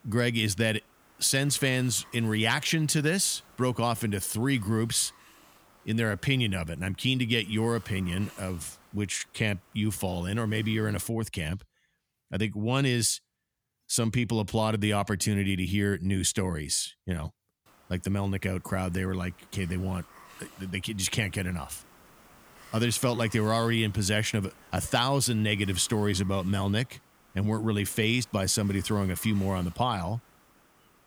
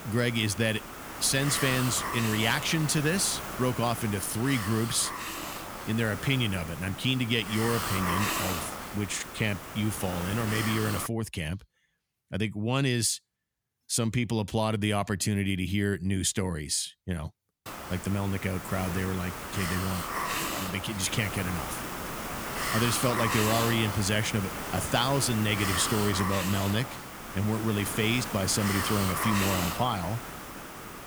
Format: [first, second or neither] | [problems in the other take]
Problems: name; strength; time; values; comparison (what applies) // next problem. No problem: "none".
first | hiss; loud; until 11 s and from 18 s on; 5 dB below the speech; faint in the first